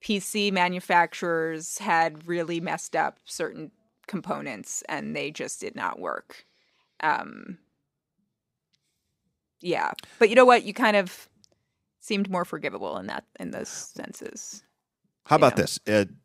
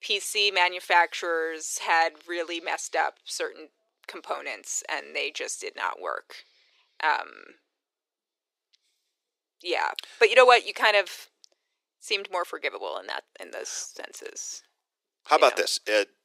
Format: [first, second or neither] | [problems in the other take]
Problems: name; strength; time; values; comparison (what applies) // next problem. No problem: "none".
first | thin; very; fading below 350 Hz